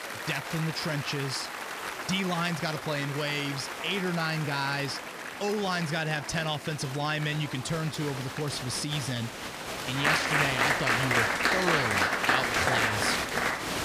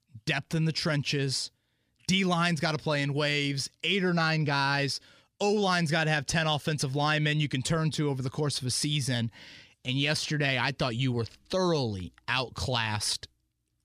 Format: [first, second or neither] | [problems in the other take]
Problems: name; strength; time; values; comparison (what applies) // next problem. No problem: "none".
second | crowd noise; very loud; throughout; 1 dB above the speech